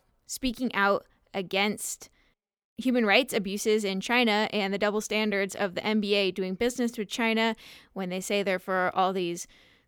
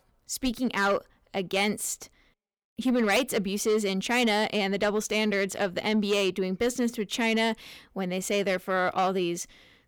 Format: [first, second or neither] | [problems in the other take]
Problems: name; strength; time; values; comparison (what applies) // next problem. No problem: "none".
first | distortion; slight; 10 dB below the speech